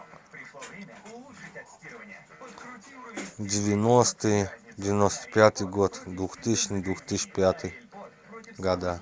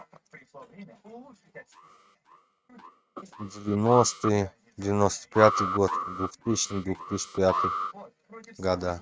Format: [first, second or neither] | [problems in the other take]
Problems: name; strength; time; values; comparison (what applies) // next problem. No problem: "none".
first | noise reduction (neural mask model RNNoise)